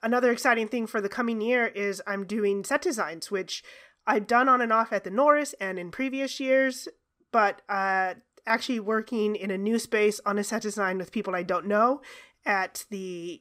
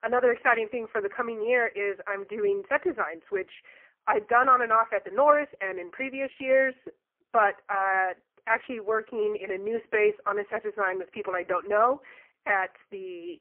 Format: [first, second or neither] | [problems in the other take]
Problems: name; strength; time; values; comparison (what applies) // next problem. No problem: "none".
first | phone-call audio; poor line